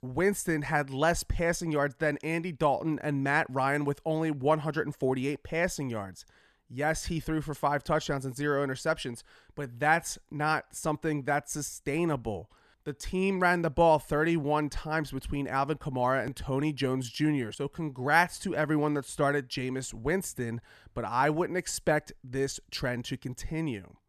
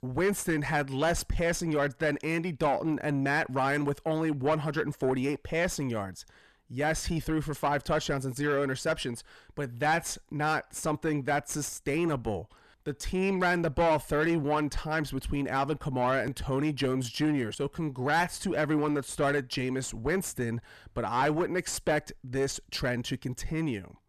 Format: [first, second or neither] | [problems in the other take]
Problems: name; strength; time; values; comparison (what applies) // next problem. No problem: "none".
first | distortion; slight; 9 dB below the speech